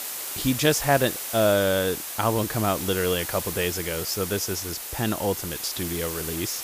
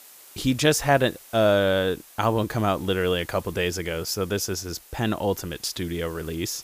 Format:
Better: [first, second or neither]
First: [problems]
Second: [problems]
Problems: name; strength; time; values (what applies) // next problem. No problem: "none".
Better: second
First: hiss; loud; throughout; 5 dB below the speech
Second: hiss; faint; throughout; 20 dB below the speech